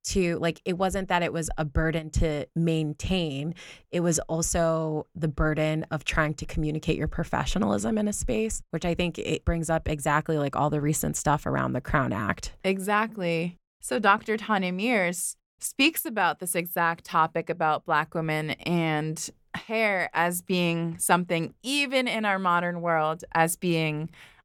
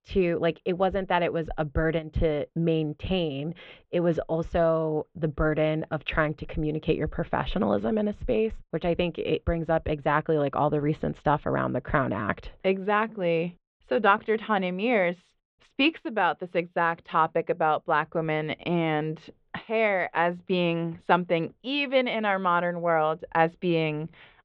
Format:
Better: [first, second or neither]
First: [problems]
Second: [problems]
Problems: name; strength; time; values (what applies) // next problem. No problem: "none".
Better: first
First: none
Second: muffled; very; fading above 3.5 kHz